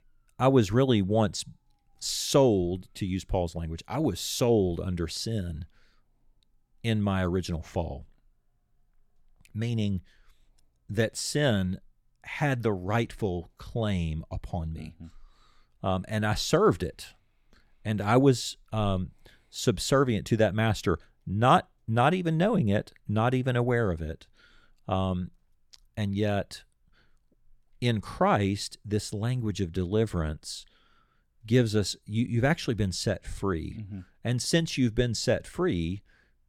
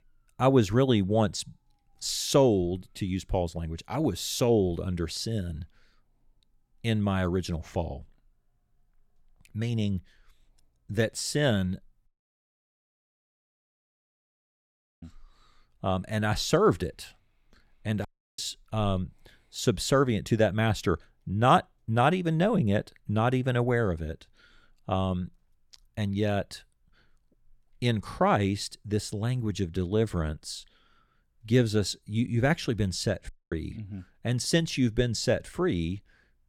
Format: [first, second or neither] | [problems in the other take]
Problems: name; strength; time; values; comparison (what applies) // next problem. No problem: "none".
first | audio cutting out; at 12 s for 3 s, at 18 s and at 33 s